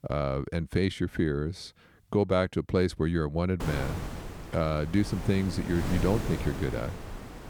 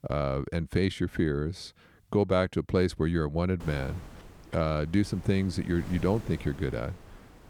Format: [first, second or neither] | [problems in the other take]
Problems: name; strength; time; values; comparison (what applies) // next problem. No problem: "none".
second | wind noise on the microphone; heavy; from 3.5 s on; 8 dB below the speech; occasional gusts in the second